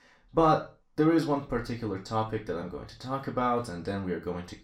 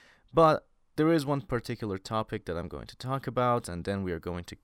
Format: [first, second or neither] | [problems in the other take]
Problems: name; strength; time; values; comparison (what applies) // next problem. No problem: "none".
second | room echo; slight; dies away in 0.3 s // off-mic speech; far